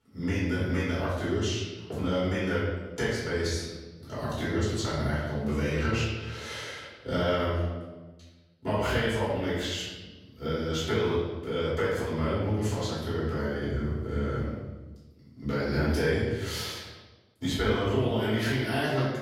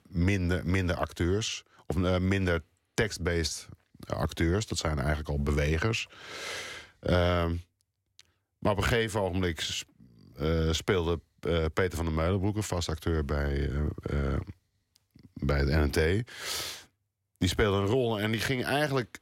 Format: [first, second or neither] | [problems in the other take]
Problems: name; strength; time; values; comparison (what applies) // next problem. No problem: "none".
second | off-mic speech; far // room echo; strong; dies away in 1.1 s